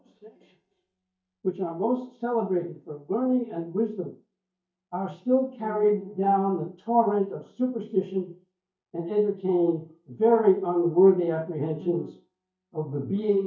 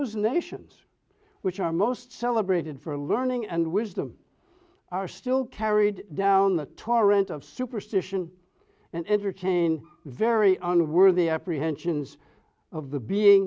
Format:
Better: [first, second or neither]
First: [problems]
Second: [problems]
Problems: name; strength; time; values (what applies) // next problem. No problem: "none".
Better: second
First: noise reduction (neural mask model DeepFilterNet 3)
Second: none